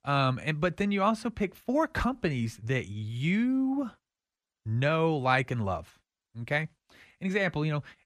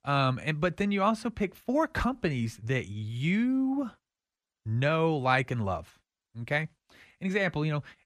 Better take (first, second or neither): neither